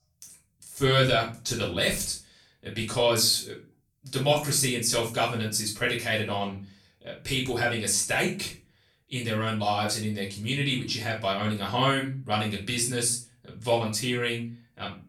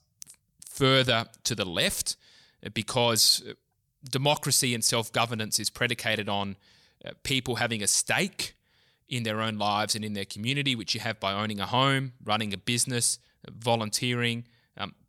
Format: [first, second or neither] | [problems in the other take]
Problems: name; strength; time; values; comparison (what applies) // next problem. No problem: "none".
second | off-mic speech; far // room echo; slight; dies away in 0.3 s